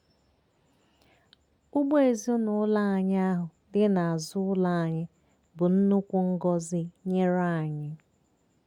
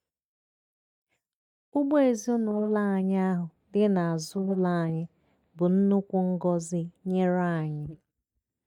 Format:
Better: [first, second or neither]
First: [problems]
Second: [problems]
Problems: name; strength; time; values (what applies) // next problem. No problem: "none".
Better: first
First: none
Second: noise reduction (neural mask model DeepFilterNet 3)